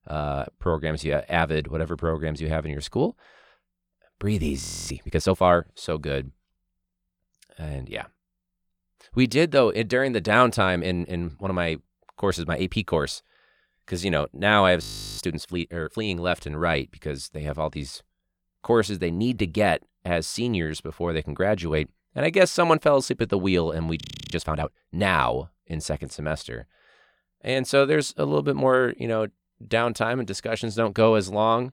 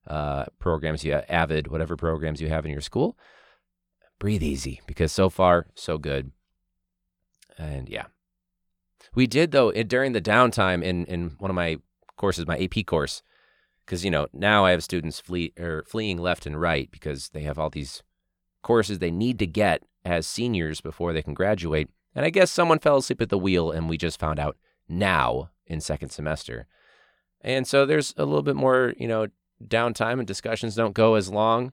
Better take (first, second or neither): second